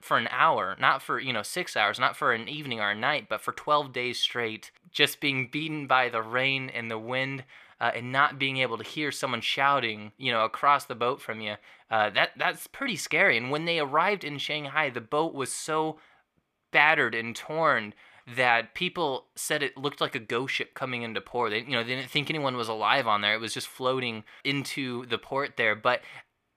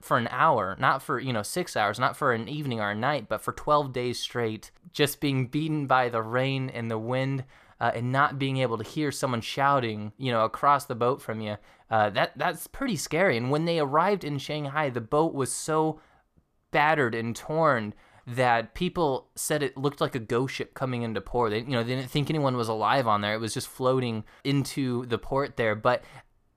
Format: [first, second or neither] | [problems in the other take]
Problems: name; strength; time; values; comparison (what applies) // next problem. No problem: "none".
second | thin; very slightly; fading below 450 Hz